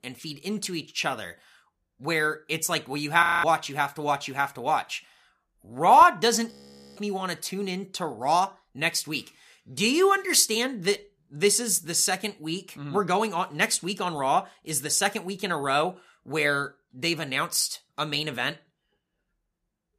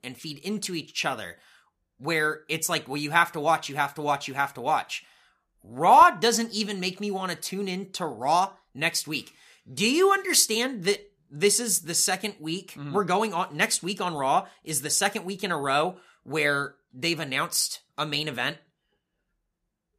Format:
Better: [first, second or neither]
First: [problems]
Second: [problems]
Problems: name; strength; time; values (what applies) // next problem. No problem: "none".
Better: second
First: audio freezing; at 3 s and at 6.5 s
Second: none